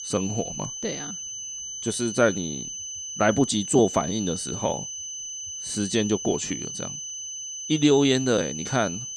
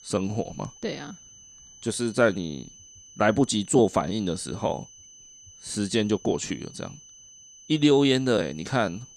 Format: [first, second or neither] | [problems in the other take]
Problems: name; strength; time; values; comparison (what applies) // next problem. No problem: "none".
second | high-pitched whine; loud; throughout; 6 kHz, 7 dB below the speech; faint in the second